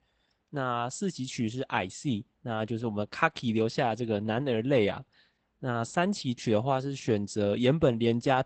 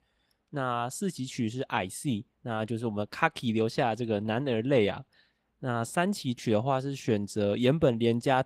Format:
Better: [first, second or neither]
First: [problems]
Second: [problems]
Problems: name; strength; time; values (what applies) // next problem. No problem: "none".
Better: second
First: garbled, watery; badly; nothing above 8 kHz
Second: garbled, watery; slightly; nothing above 15.5 kHz